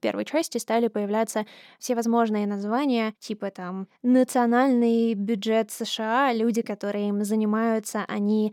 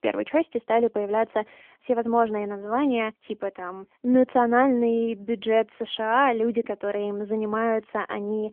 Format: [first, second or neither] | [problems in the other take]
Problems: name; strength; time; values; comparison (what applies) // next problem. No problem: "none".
first | phone-call audio; nothing above 3.5 kHz